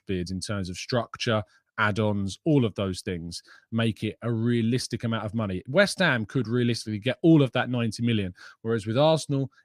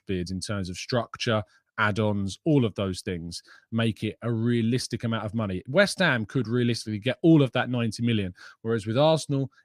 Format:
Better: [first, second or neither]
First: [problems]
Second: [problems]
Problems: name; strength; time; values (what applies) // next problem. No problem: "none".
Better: neither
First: none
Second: none